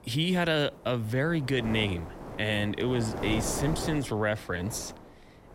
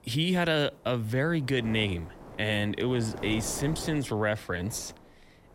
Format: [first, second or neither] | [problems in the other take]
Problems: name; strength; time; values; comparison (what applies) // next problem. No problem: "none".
second | wind noise on the microphone; heavy; 9 dB below the speech; occasional gusts in the second